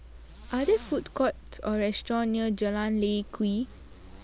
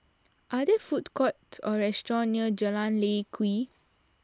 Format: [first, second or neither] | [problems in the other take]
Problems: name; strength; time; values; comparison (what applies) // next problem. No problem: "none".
second | background sound (Zipper (clothing)); 17 dB below the speech